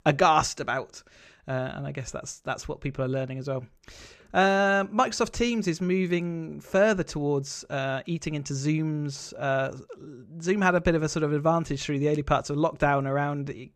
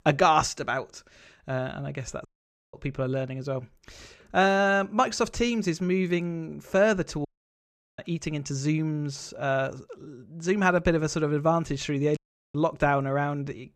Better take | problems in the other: first | audio cutting out; at 2.5 s, at 7.5 s for 0.5 s and at 12 s

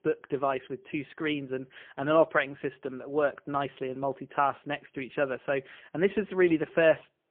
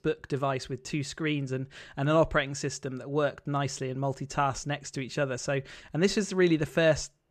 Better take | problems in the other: second | phone-call audio; poor line; nothing above 3 kHz

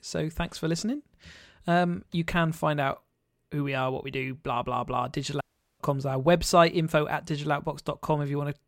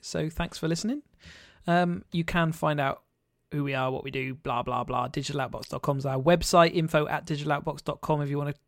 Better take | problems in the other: second | audio cutting out; at 5.5 s

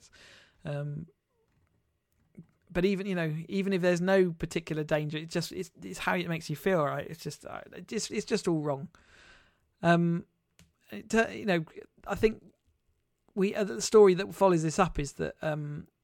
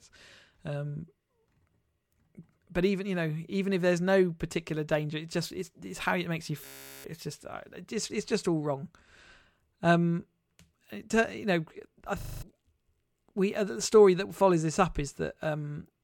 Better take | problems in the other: first | audio freezing; at 6.5 s and at 12 s

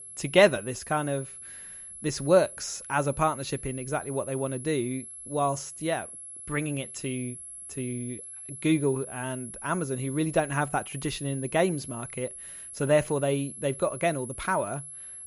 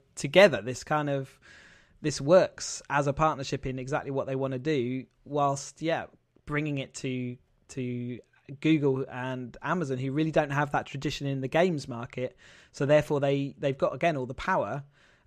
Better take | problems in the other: second | high-pitched whine; noticeable; throughout; 11 kHz, 10 dB below the speech

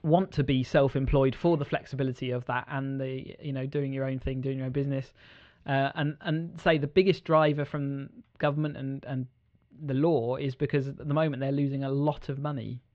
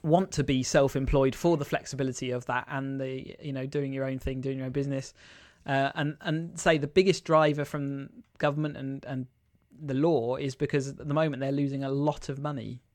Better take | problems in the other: second | muffled; slightly; fading above 3.5 kHz

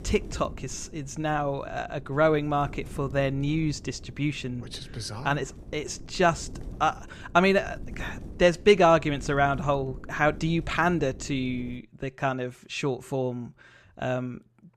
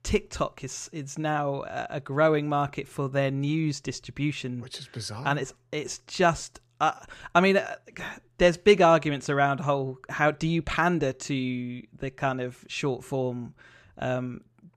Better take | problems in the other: second | wind noise on the microphone; occasional gusts; until 12 s; 25 dB below the speech

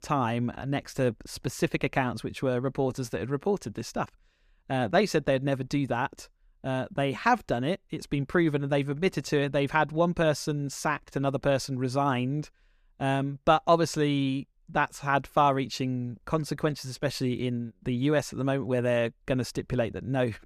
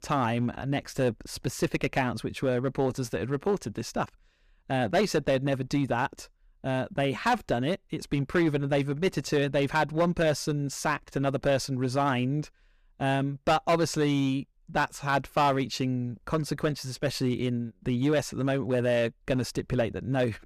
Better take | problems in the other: first | distortion; slight; 4% of the sound clipped

